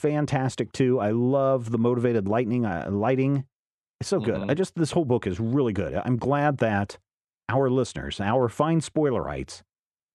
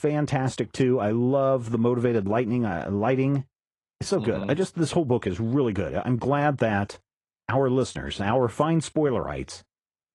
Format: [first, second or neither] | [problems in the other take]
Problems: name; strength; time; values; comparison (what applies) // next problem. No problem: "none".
first | garbled, watery; slightly